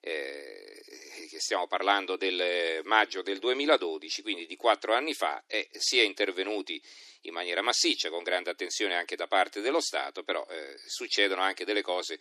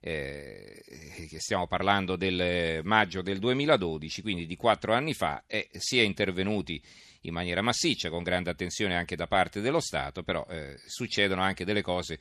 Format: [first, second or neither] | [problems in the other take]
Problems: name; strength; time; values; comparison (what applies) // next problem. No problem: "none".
second | thin; somewhat; fading below 300 Hz